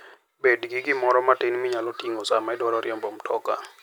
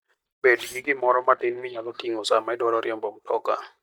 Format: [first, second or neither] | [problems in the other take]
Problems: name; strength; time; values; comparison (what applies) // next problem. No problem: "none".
first | noise reduction (neural mask model DeepFilterNet 3)